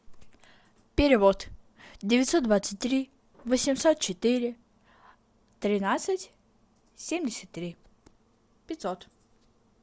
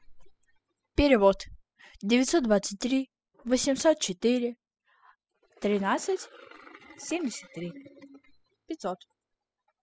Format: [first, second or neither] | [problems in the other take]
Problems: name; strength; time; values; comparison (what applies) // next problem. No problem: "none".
first | noise reduction (classical method spectral subtraction)